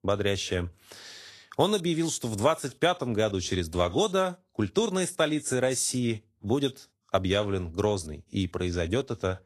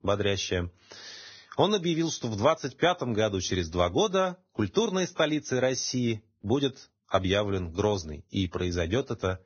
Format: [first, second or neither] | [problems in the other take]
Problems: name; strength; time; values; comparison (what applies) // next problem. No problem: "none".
first | garbled, watery; badly; nothing above 6.5 kHz; slightly in the first